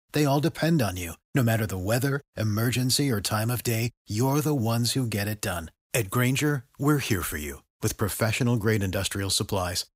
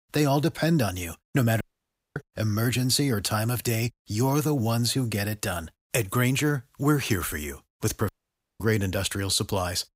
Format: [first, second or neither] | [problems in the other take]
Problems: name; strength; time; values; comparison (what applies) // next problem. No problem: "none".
first | audio cutting out; at 1.5 s for 0.5 s and at 8 s for 0.5 s